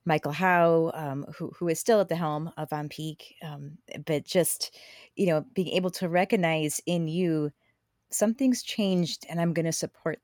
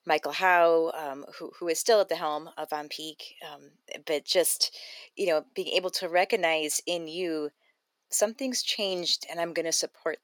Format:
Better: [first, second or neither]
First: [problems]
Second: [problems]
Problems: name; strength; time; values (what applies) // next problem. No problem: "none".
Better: first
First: none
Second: thin; very; fading below 400 Hz